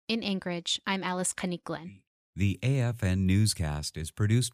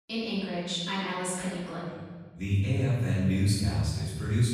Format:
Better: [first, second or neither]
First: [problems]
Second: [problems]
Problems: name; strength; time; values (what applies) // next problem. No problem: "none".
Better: first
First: none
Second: off-mic speech; far // room echo; strong; dies away in 1.5 s